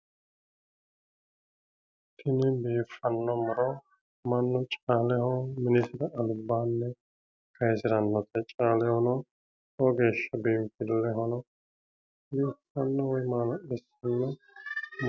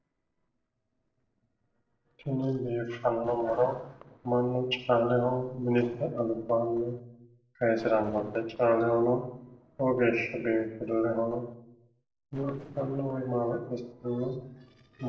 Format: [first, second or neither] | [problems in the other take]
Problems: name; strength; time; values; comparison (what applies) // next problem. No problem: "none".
first | noise reduction (neural separator model SepFormer DNS4)